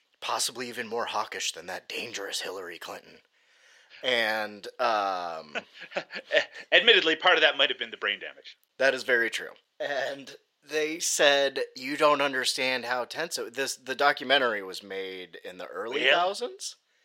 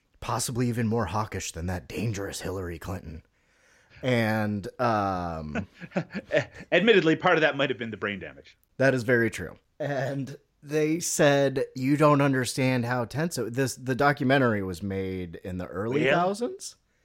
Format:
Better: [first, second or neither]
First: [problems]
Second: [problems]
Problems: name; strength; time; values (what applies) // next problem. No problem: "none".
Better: second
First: thin; very; fading below 550 Hz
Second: none